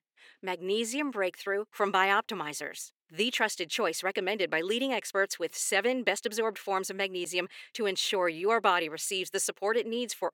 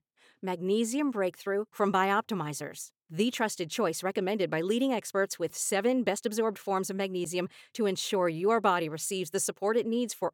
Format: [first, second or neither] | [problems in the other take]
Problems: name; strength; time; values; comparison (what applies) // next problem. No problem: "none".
second | thin; very slightly; fading below 300 Hz